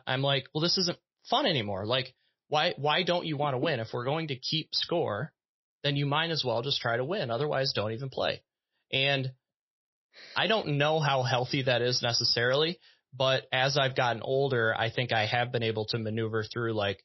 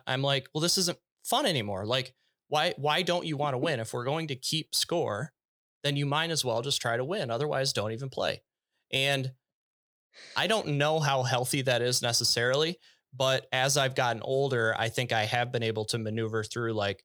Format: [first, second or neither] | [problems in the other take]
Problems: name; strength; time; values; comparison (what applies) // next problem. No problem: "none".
second | garbled, watery; slightly; nothing above 5.5 kHz